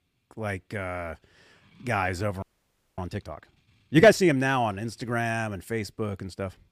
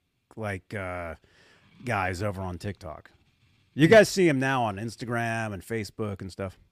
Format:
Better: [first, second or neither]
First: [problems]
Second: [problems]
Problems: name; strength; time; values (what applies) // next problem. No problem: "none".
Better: second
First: audio freezing; at 2.5 s for 0.5 s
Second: none